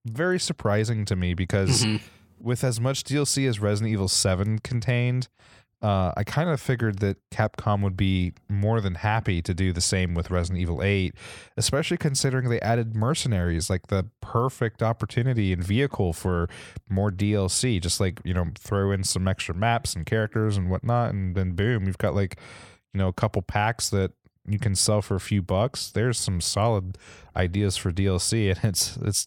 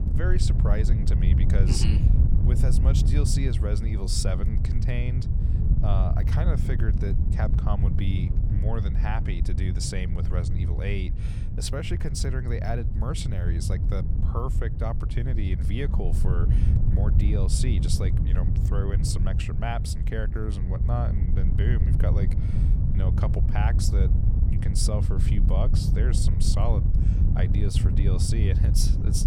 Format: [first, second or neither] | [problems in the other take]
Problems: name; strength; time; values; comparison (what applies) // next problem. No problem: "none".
first | wind noise on the microphone; heavy; 4 dB below the speech